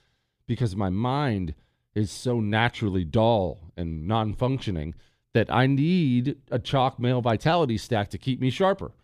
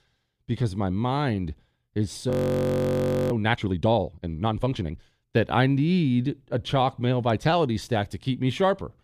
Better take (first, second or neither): first